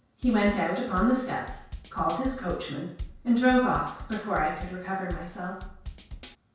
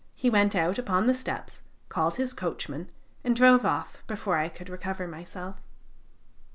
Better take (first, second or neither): second